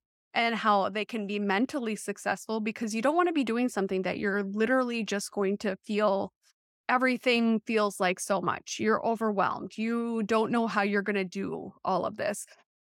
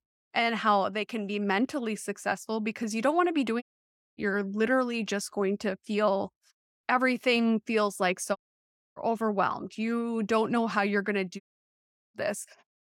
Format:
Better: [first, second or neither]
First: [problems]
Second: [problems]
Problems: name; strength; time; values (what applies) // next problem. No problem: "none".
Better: first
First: none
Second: audio cutting out; at 3.5 s for 0.5 s, at 8.5 s for 0.5 s and at 11 s for 0.5 s